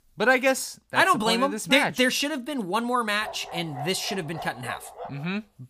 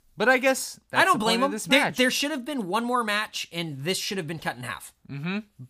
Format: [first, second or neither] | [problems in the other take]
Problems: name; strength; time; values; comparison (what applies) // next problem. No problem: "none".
second | dog barking; faint; from 3 s on; peak 15 dB below the speech